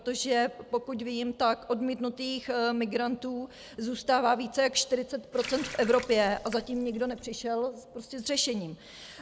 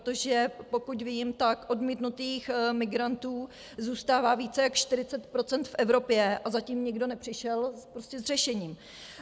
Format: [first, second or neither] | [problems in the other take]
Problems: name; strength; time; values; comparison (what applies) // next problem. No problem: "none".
second | background sound (Water tap, faucet); 14 dB below the speech